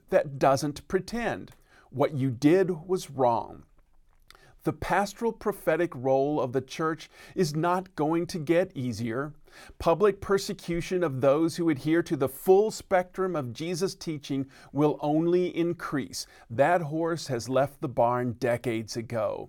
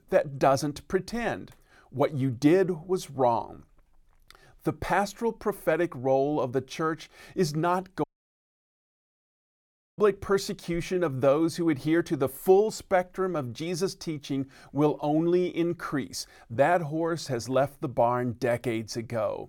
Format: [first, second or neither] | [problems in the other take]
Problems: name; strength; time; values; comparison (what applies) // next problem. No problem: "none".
first | audio cutting out; at 8 s for 2 s